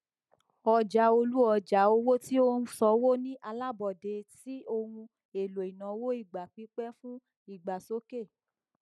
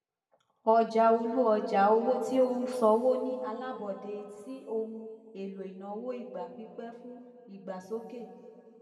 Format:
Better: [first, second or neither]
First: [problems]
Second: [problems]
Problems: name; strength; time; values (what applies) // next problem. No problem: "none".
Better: first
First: none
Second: room echo; dies away in 2.2 s